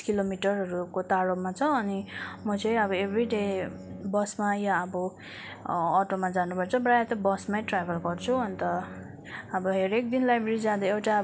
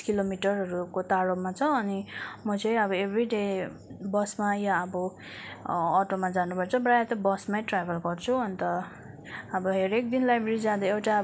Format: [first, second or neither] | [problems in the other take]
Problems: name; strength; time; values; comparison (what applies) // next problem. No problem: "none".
second | background sound (Bowed string instrument); 19 dB below the speech